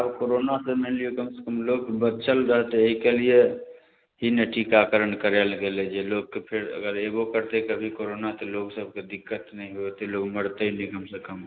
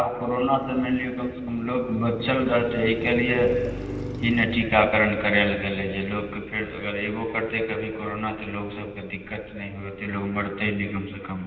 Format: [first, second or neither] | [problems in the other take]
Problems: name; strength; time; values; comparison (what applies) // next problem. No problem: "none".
first | background sound (Car passing by); 14 dB below the speech // room echo; dies away in 2 s